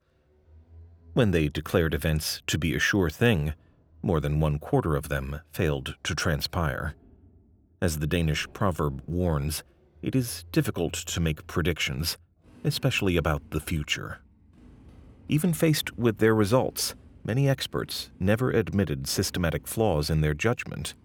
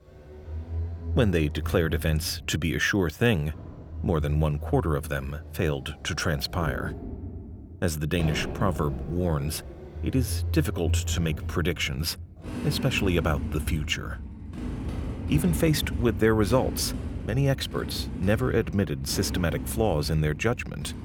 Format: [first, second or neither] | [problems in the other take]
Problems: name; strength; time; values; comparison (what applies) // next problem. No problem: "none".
first | traffic noise; loud; throughout; 7 dB below the speech; faint in the first